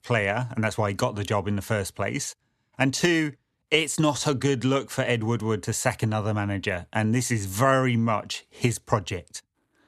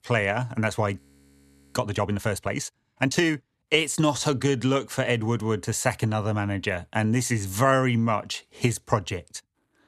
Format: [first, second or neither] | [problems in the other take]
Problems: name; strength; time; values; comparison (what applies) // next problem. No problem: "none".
first | audio freezing; at 1 s for 1 s